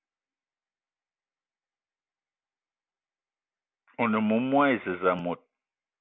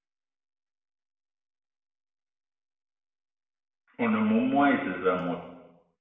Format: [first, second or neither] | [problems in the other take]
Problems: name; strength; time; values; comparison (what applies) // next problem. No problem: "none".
first | room echo; dies away in 0.9 s